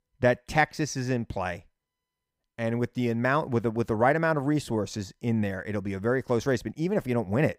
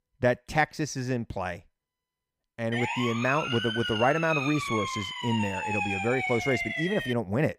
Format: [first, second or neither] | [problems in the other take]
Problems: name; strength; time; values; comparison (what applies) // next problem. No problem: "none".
first | siren; noticeable; from 2.5 s on; peak level with the speech